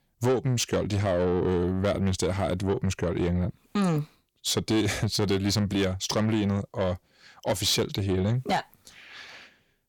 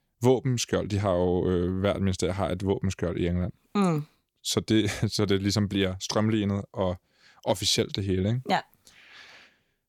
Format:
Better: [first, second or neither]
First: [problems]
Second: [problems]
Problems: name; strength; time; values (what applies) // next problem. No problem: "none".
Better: second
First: distortion; slight; 10 dB below the speech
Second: none